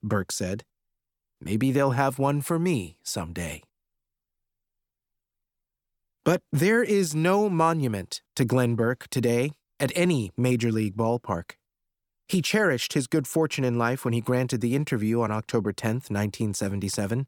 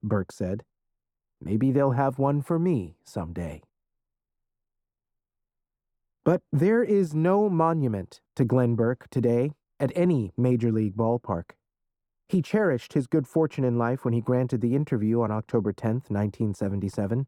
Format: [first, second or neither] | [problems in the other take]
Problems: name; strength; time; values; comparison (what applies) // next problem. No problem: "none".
first | muffled; very; fading above 1.5 kHz